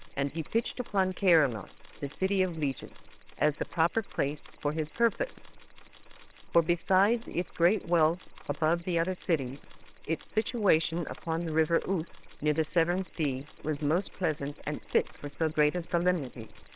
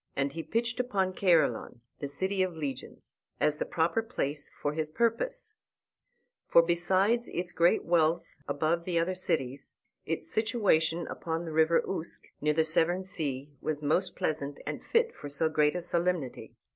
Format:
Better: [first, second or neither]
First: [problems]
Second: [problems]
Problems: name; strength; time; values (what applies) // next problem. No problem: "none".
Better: second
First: noise reduction (neural separator model SepFormer WHAMR!)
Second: none